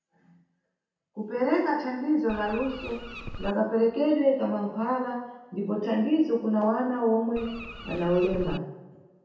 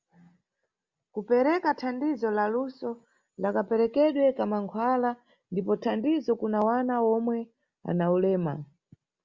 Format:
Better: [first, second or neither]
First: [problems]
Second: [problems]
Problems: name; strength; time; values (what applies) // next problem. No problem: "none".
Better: second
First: background sound (Bird); 11 dB below the speech // room echo; dies away in 0.9 s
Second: none